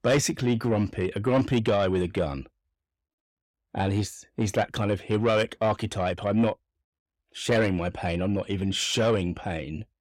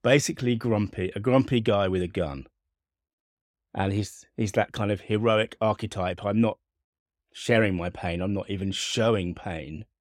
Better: second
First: distortion; slight; 10 dB below the speech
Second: none

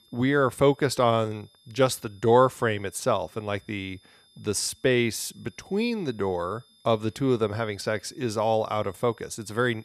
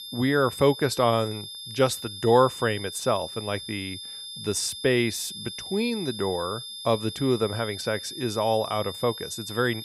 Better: first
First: high-pitched whine; faint; throughout; 3.5 kHz, 30 dB below the speech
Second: high-pitched whine; loud; throughout; 3.5 kHz, 10 dB below the speech

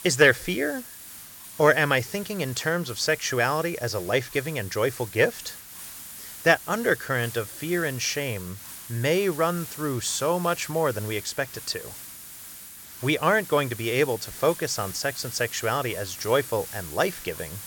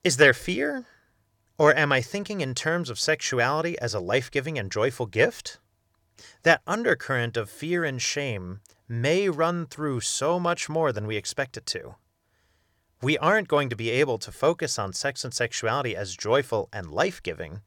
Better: second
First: hiss; noticeable; throughout; 15 dB below the speech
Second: none

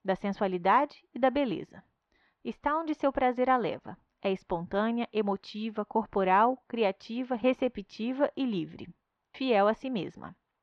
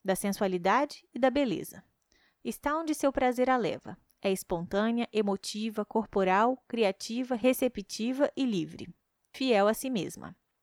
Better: second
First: muffled; slightly; fading above 3.5 kHz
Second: none

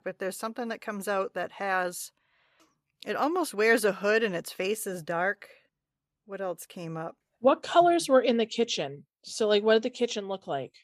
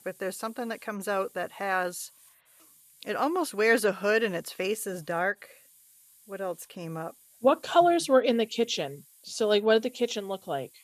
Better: first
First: none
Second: hiss; faint; throughout; 30 dB below the speech

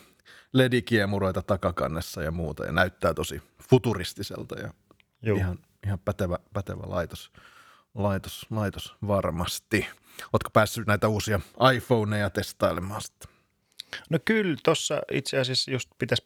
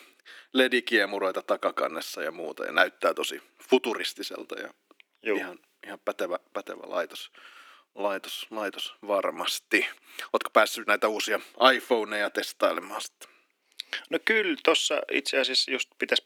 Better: first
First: none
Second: thin; somewhat; fading below 300 Hz

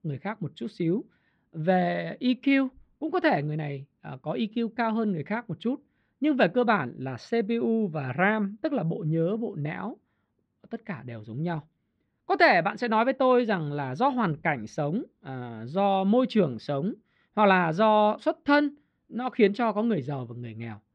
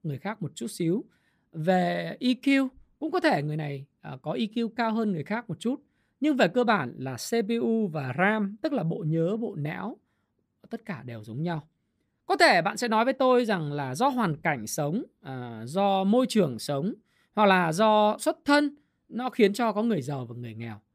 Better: second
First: muffled; slightly; fading above 3.5 kHz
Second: none

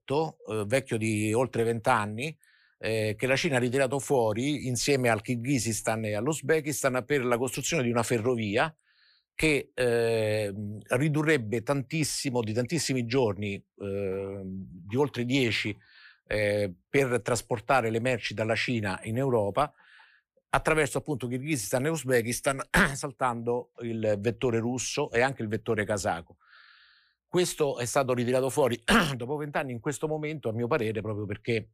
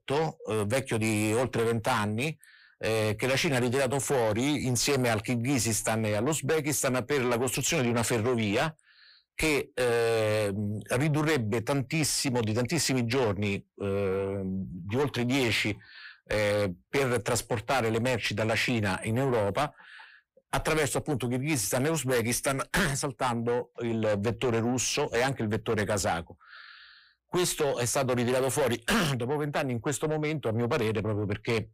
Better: first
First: none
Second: distortion; heavy; 7 dB below the speech

